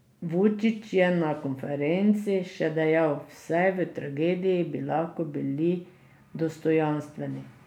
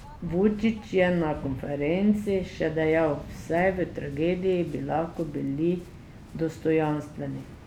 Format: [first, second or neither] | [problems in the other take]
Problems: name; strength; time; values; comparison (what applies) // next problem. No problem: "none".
first | background sound (Waves, surf); 16 dB below the speech